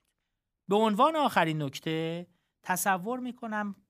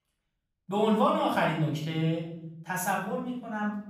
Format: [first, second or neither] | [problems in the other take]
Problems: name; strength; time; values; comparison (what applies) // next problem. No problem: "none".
first | off-mic speech; far // room echo; noticeable; dies away in 1.1 s